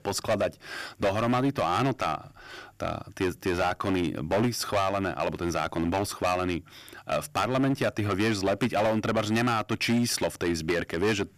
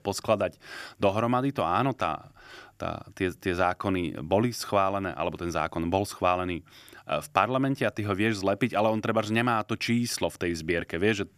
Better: second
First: distortion; heavy; 10% of the sound clipped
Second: none

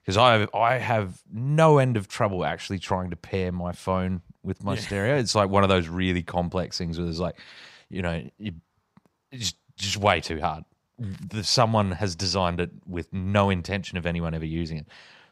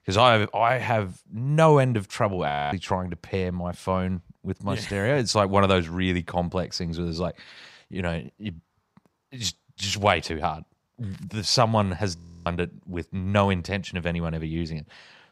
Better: first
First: none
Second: audio freezing; at 2.5 s and at 12 s

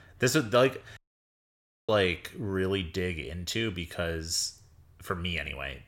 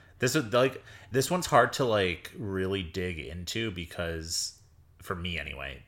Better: second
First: audio cutting out; at 1 s for 1 s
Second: none

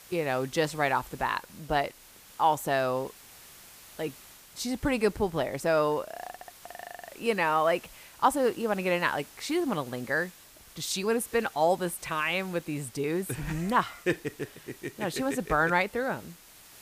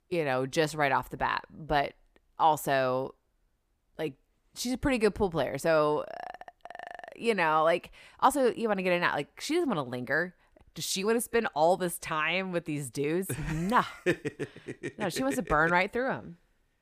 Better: second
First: hiss; faint; throughout; 20 dB below the speech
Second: none

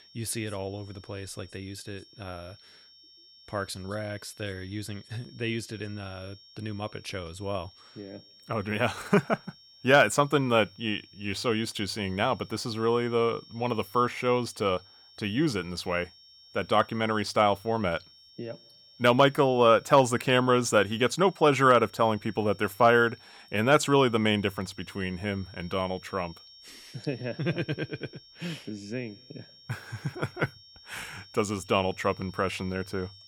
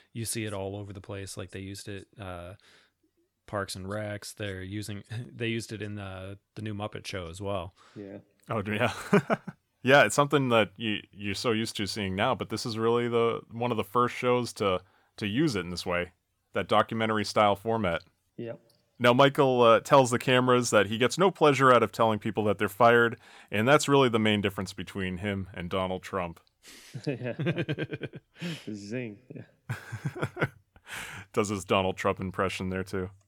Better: second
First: high-pitched whine; faint; throughout; 5.5 kHz, 25 dB below the speech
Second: none

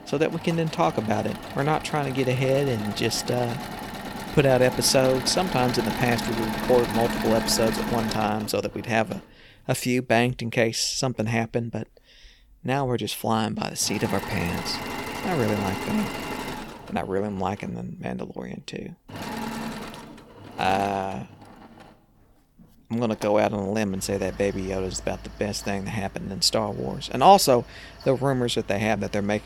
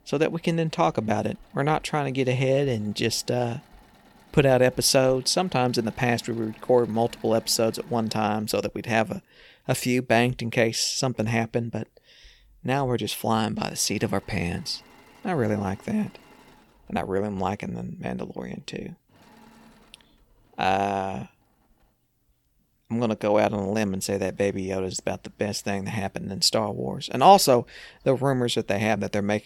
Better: second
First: machinery noise; loud; throughout; 8 dB below the speech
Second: machinery noise; faint; throughout; 30 dB below the speech

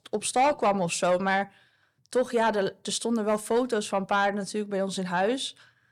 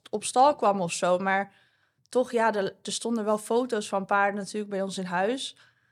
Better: second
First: distortion; slight; 10 dB below the speech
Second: none

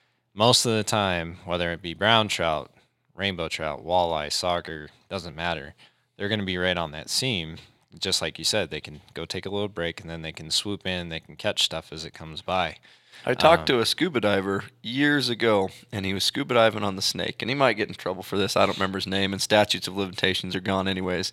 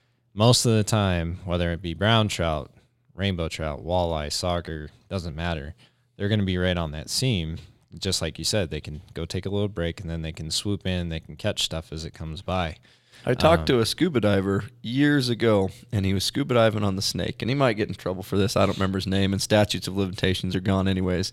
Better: second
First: thin; very slightly; fading below 550 Hz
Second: none

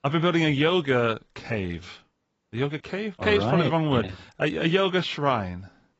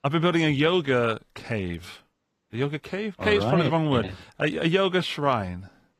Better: second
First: garbled, watery; badly; nothing above 7.5 kHz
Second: garbled, watery; slightly; nothing above 14.5 kHz

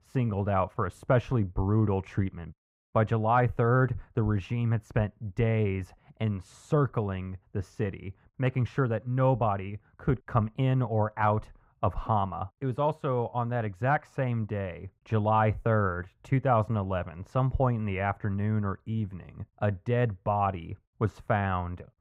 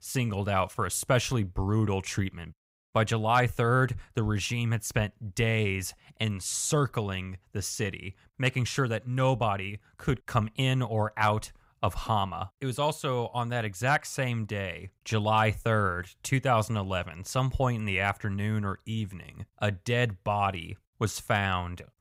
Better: second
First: muffled; very; fading above 2.5 kHz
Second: none

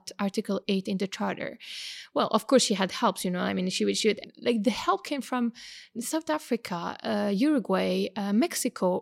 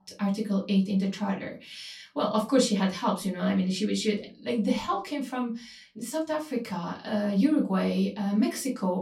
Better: first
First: none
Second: off-mic speech; far // room echo; very slight; dies away in 0.2 s

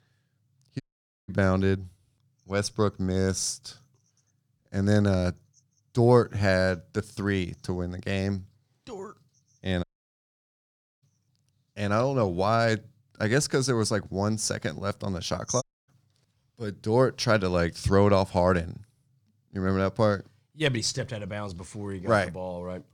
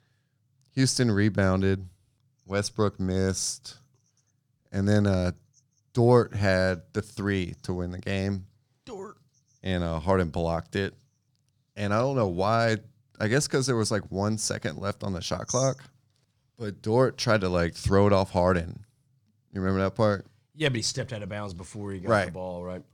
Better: second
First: audio cutting out; at 1 s, at 10 s for 1 s and at 16 s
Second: none

